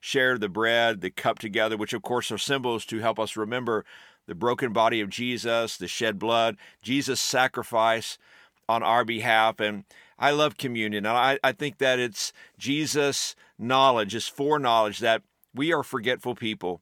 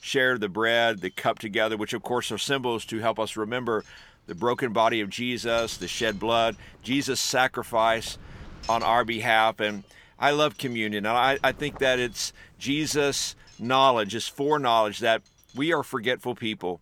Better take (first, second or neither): first